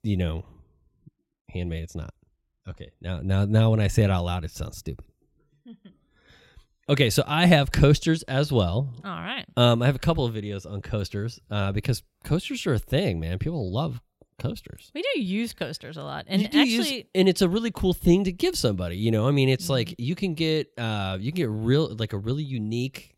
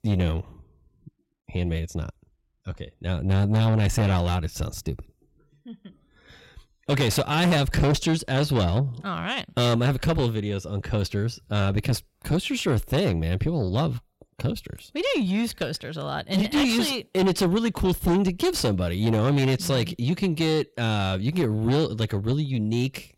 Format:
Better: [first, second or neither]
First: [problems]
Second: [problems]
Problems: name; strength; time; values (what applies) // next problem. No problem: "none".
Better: first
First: none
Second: distortion; heavy; 7 dB below the speech